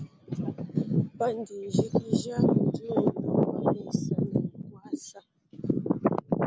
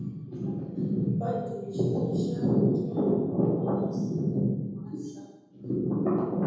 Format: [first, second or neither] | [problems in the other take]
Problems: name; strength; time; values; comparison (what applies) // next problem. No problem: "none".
first | room echo; dies away in 1.3 s